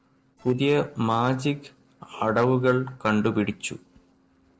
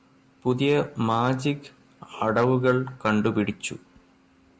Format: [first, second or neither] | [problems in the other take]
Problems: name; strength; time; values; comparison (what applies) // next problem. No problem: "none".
second | noise reduction (neural separator model SepFormer DNS4)